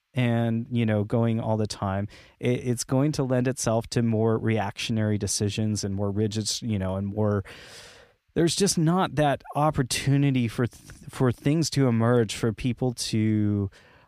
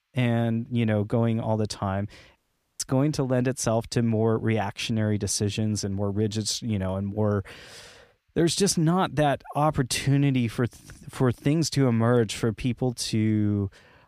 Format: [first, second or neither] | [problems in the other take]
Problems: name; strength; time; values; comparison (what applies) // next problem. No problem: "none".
first | audio cutting out; at 2.5 s